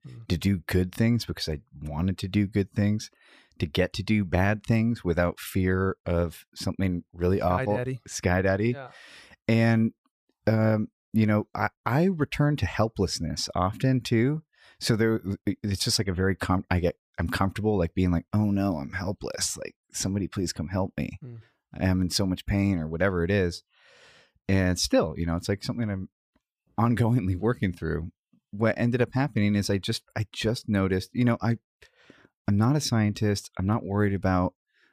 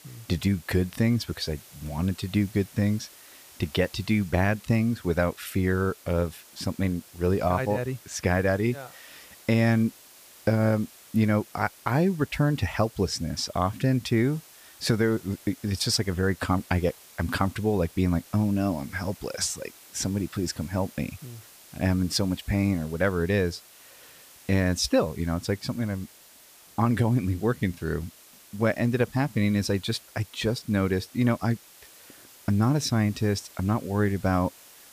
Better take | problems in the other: first | hiss; faint; throughout; 20 dB below the speech

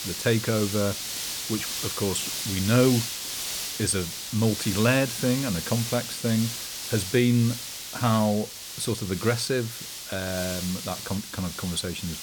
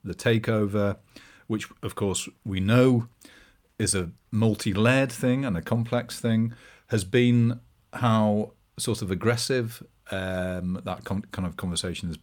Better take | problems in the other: second | hiss; loud; throughout; 5 dB below the speech

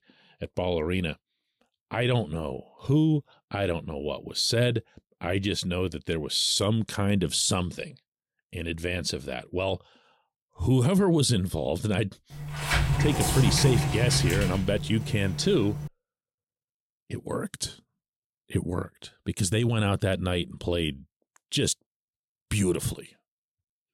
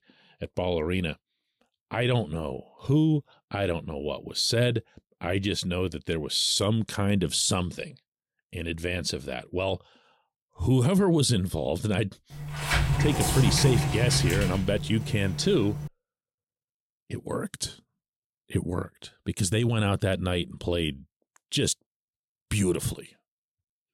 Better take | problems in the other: neither | door banging; loud; from 12 to 16 s; peak 3 dB above the speech; the same in both

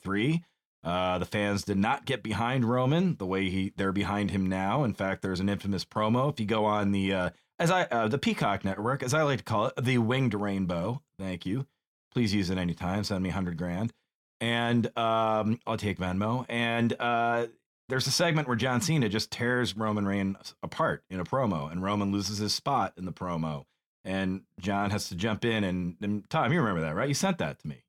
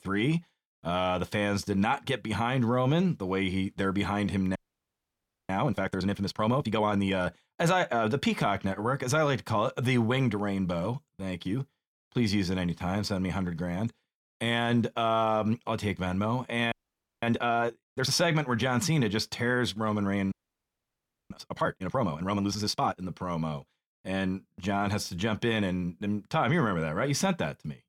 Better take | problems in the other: first | audio freezing; at 4.5 s for 1 s, at 17 s for 0.5 s and at 20 s for 1 s

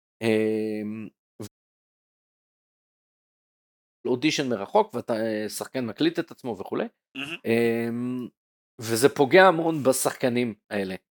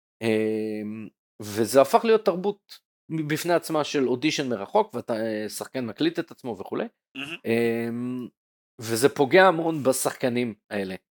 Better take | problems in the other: second | audio cutting out; at 1.5 s for 2.5 s

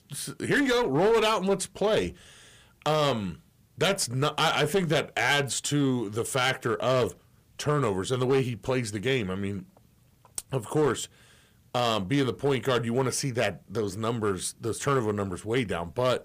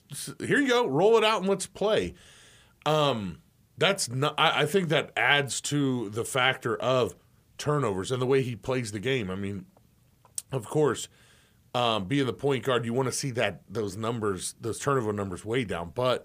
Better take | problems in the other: second | distortion; slight; 6% of the sound clipped

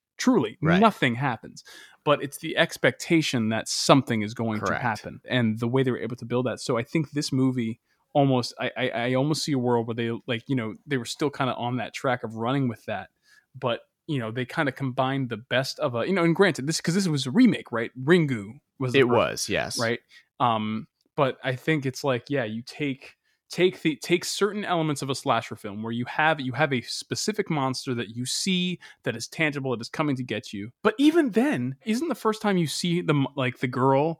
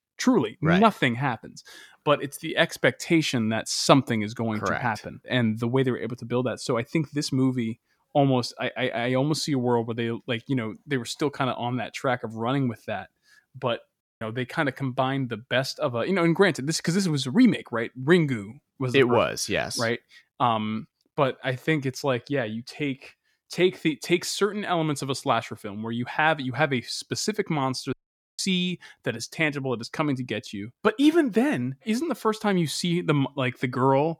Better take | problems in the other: first | audio cutting out; at 14 s and at 28 s

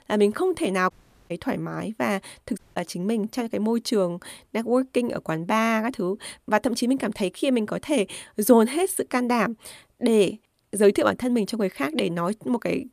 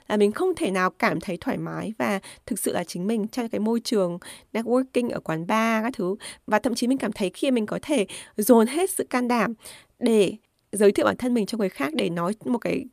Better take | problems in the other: second | audio cutting out; at 1 s and at 2.5 s

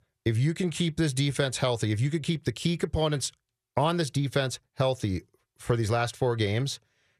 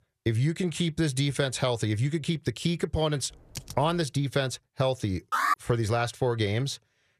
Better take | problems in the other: first | keyboard typing; faint; at 3.5 s; peak 15 dB below the speech // alarm; loud; at 5.5 s; peak 2 dB above the speech

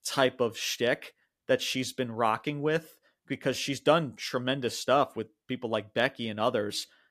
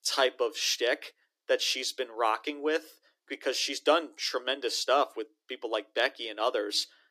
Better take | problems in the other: first | thin; somewhat; fading below 300 Hz

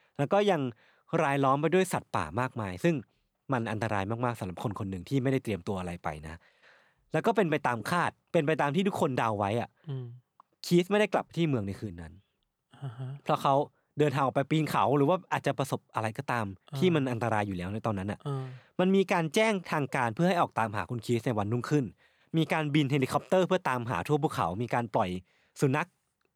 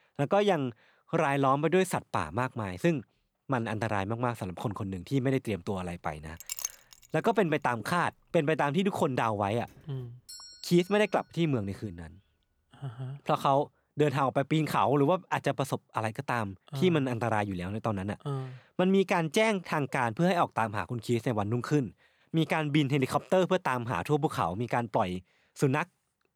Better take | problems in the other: first | clattering dishes; noticeable; at 6.5 s; peak 6 dB below the speech // doorbell; faint; from 9.5 to 11 s; peak 15 dB below the speech

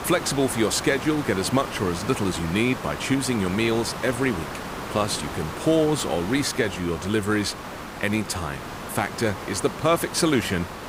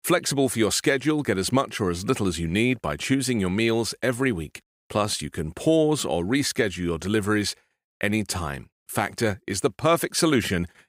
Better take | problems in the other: second | hiss; loud; throughout; 9 dB below the speech

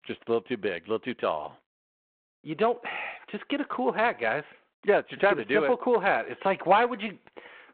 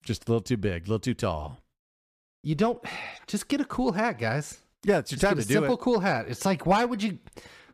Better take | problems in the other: second | phone-call audio; nothing above 3.5 kHz

